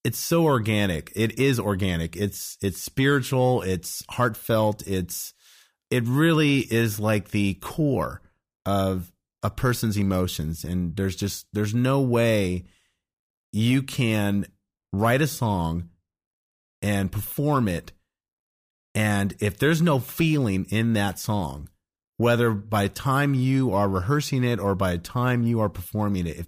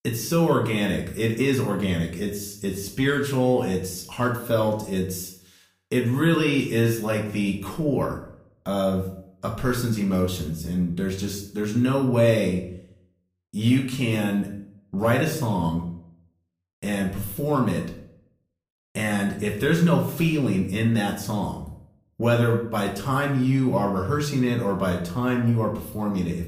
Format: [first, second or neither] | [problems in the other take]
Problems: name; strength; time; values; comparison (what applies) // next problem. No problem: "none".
first | room echo; slight; dies away in 0.5 s // off-mic speech; somewhat distant